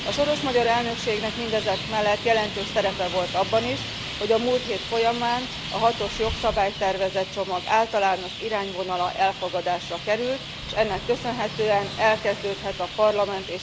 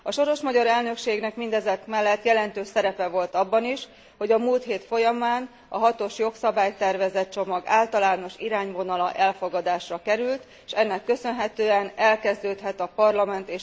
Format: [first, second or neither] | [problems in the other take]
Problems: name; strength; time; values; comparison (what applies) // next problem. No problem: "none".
second | background sound (Traffic noise, roadway noise); 8 dB below the speech